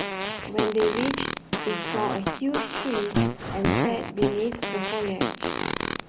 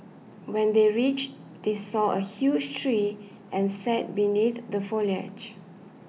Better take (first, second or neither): second